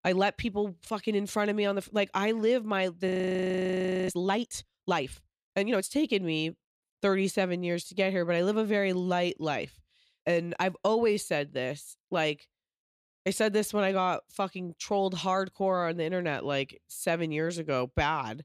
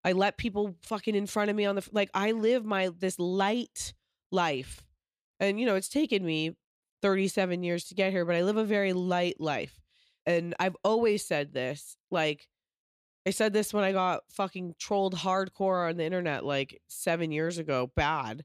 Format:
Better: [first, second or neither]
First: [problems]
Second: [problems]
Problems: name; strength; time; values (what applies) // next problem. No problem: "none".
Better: second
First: audio freezing; at 3 s for 1 s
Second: none